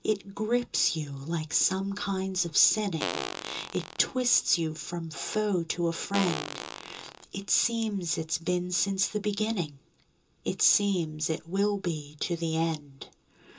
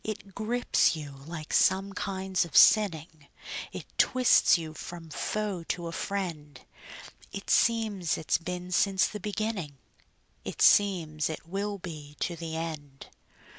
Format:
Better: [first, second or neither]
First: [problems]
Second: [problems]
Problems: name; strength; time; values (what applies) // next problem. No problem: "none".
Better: second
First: background sound (Fart); 7 dB below the speech // room echo; dies away in 0.2 s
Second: none